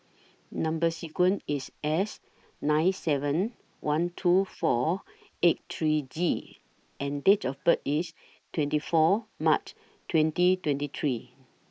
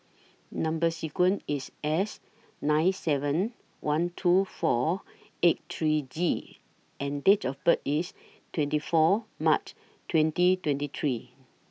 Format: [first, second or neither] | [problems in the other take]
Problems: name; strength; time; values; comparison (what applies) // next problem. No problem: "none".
second | noise reduction (neural mask model Resemble Enhance denoiser)